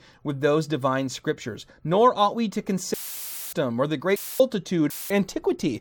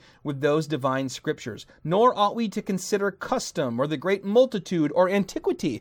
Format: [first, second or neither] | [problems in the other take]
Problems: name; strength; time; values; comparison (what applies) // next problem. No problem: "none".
second | audio cutting out; filled with static; at 3 s for 0.5 s, at 4 s and at 5 s